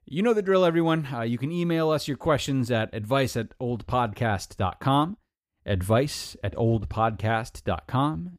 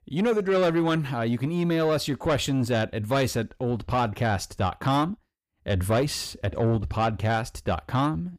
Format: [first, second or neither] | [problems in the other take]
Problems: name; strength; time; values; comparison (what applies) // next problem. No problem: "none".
first | distortion; slight; 10 dB below the speech